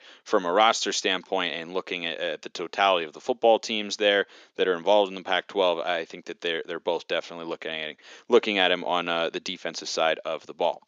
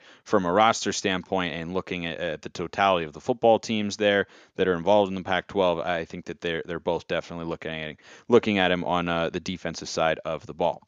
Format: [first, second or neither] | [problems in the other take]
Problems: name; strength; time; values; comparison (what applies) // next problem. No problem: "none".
second | thin; very slightly; fading below 350 Hz